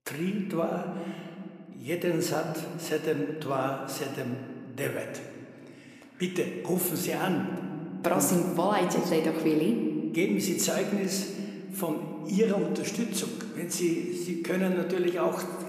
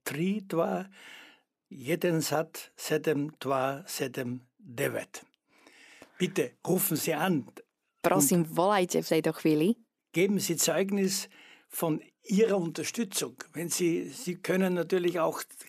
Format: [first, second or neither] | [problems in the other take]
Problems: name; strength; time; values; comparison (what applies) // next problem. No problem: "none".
second | room echo; slight; dies away in 2.1 s